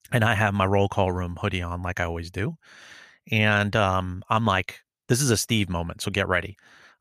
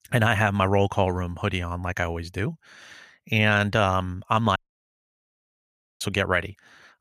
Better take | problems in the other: first | audio cutting out; at 4.5 s for 1.5 s

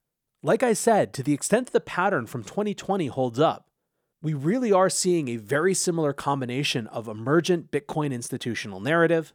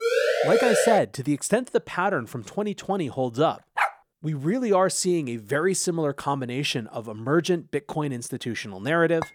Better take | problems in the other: first | siren; loud; at the start; peak 4 dB above the speech // dog barking; noticeable; at 4 s; peak 1 dB below the speech // clattering dishes; very faint; at 9 s; peak 10 dB below the speech

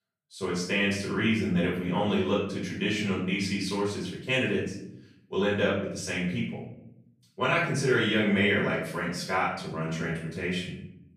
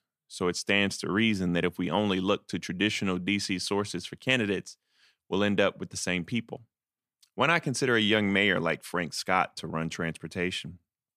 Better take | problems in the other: second | off-mic speech; far // room echo; noticeable; dies away in 0.7 s

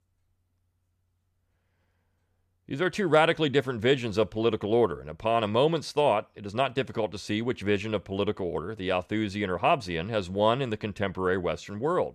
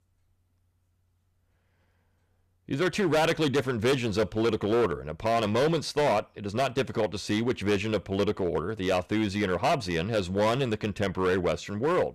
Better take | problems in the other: first | distortion; heavy; 10% of the sound clipped

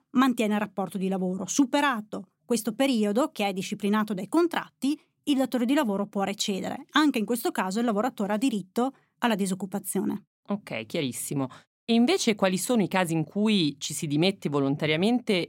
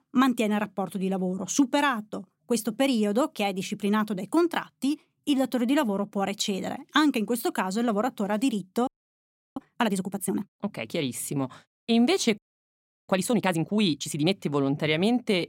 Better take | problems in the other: first | audio freezing; at 9 s for 0.5 s and at 12 s for 0.5 s

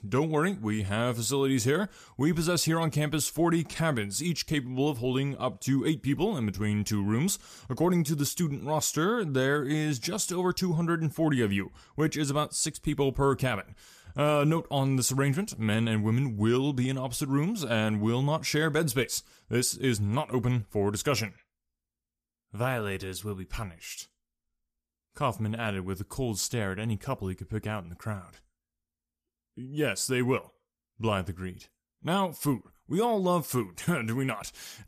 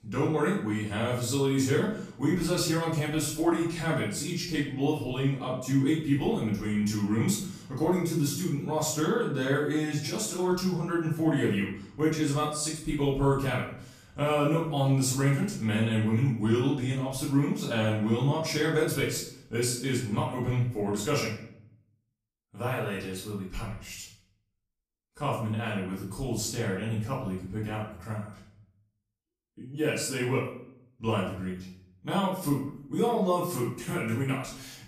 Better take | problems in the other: first | room echo; noticeable; dies away in 0.5 s // off-mic speech; far

